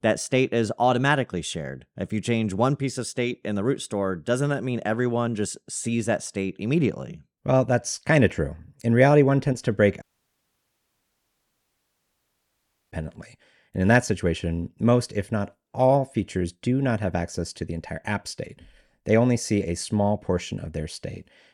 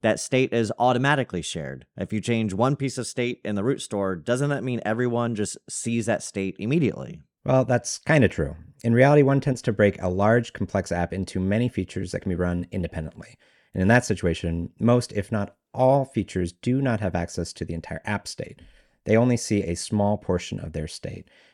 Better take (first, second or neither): second